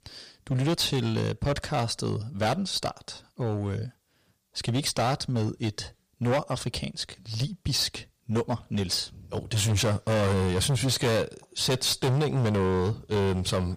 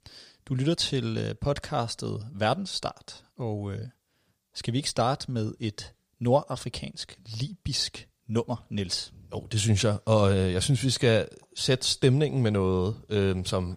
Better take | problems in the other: second | distortion; heavy; 14% of the sound clipped

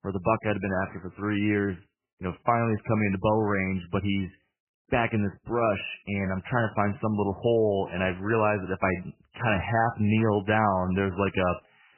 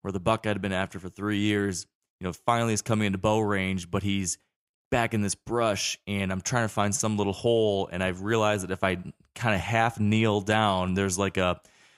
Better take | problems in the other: second | garbled, watery; badly; nothing above 3 kHz

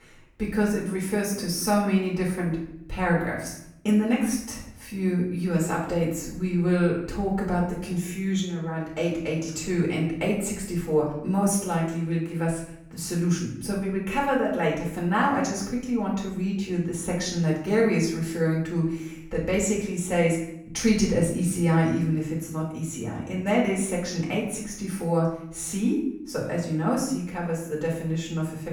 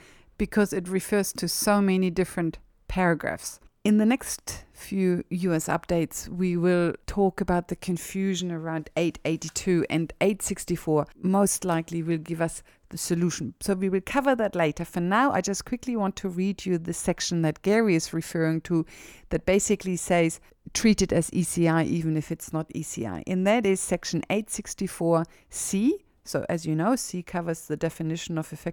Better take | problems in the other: second | off-mic speech; far // room echo; noticeable; dies away in 0.7 s

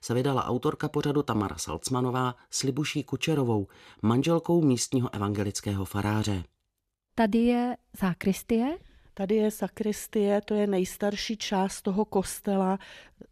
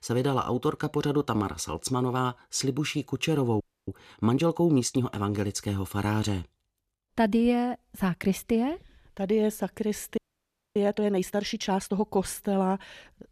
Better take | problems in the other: first | audio freezing; at 3.5 s and at 10 s for 0.5 s

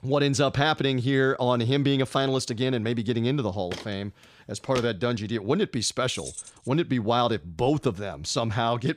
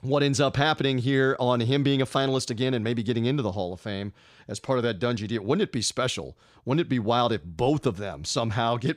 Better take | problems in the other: second | footsteps; faint; from 3.5 to 5 s; peak 10 dB below the speech // jangling keys; faint; at 6 s; peak 10 dB below the speech

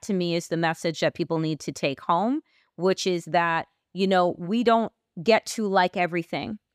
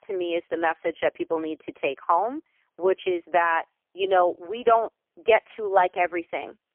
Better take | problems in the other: first | phone-call audio; poor line; nothing above 3 kHz

